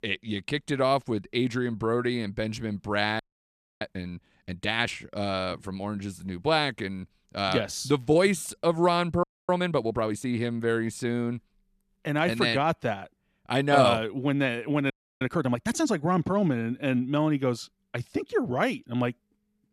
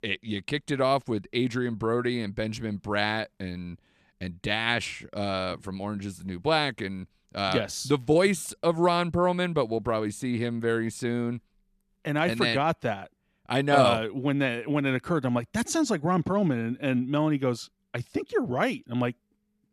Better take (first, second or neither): second